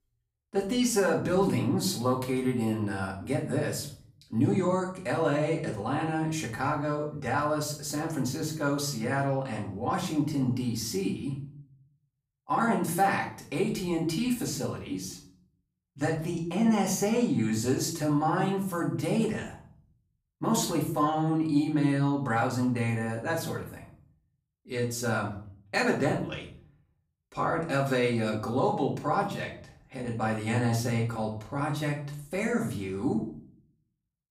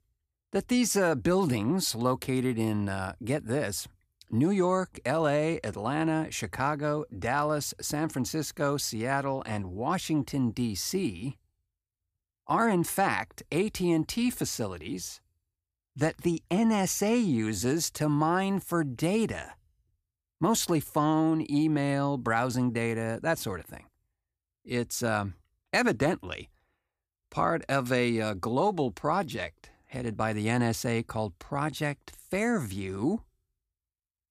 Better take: second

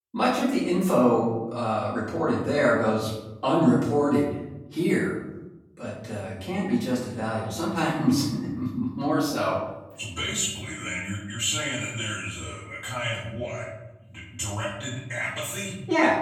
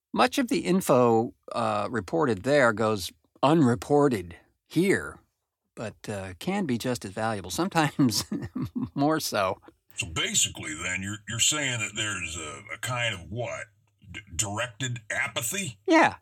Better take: second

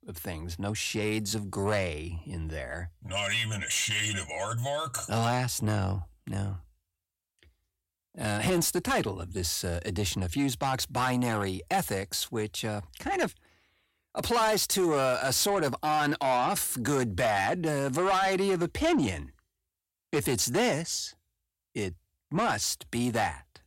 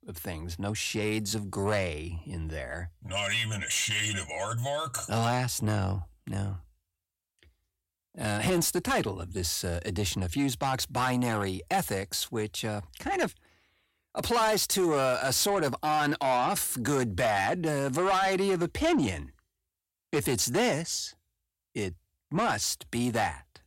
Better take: neither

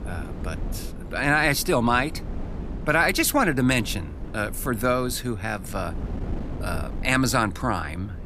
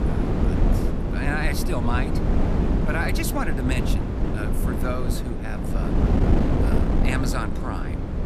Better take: first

